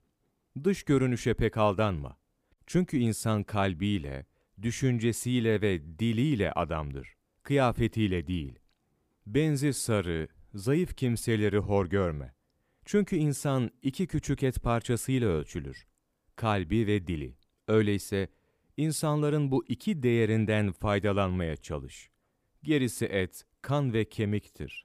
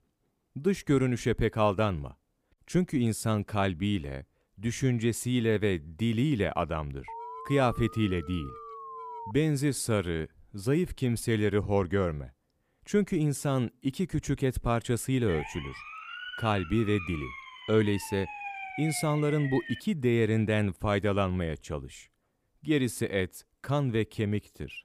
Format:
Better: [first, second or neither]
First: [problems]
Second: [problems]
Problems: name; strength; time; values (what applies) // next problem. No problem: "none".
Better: first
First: none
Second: alarm; faint; from 7 to 9.5 s; peak 10 dB below the speech // siren; noticeable; from 15 to 20 s; peak 8 dB below the speech